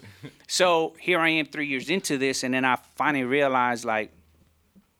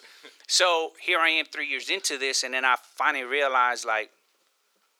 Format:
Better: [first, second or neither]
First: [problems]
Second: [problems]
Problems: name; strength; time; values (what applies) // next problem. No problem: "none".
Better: first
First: none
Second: thin; very; fading below 400 Hz